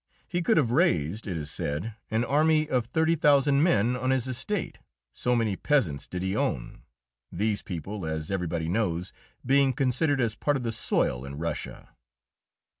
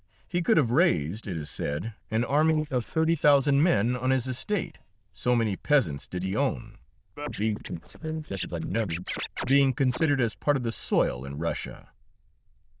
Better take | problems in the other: first | noise reduction (neural diffusion model UNIVERSE++)

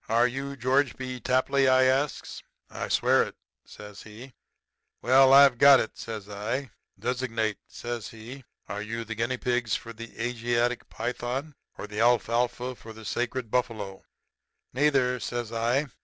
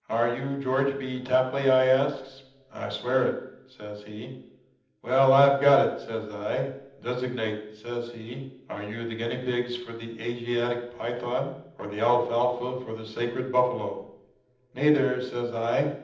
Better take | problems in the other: first | room echo; dies away in 0.8 s

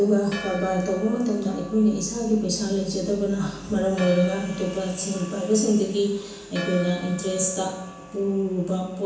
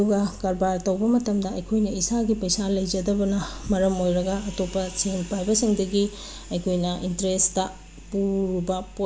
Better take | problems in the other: second | background sound (Church bell); 18 dB below the speech // room echo; dies away in 0.9 s

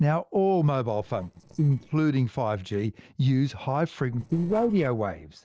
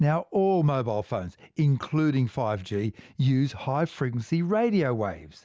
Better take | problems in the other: second | noise reduction (neural separator model SepFormer DNS4)

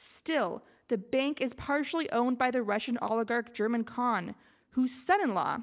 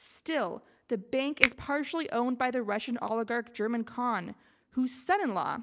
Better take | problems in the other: first | background sound (Finger snapping); 4 dB below the speech

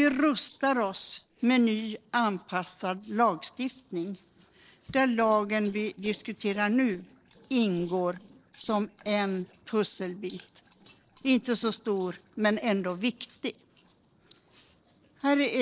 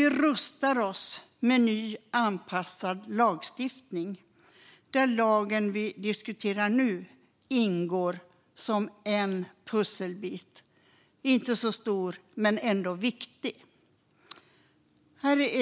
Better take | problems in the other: second | noise reduction (neural separator model SepFormer DNS4)

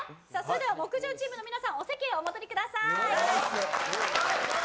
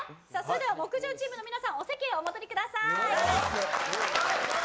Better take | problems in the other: first | background sound (Animal); 11 dB below the speech

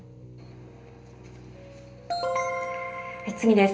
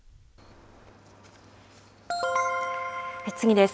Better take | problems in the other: second | background sound (Piano); 19 dB below the speech // room echo; dies away in 0.3 s

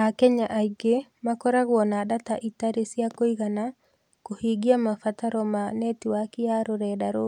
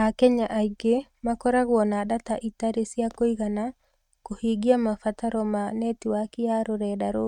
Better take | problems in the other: first | noise reduction (neural mask model RNNoise)

